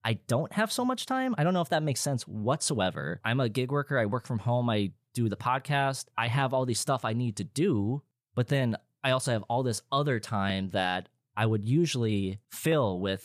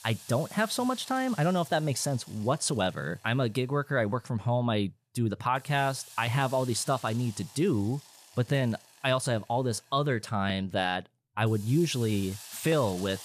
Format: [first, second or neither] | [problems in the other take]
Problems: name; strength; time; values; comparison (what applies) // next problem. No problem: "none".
first | hiss; noticeable; throughout; 20 dB below the speech